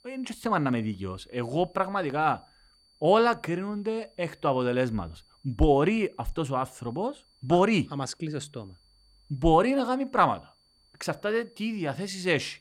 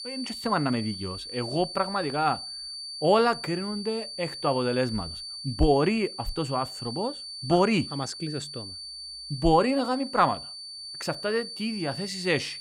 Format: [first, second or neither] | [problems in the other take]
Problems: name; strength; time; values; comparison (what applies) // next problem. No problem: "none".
first | high-pitched whine; loud; throughout; 4.5 kHz, 9 dB below the speech; faint in the first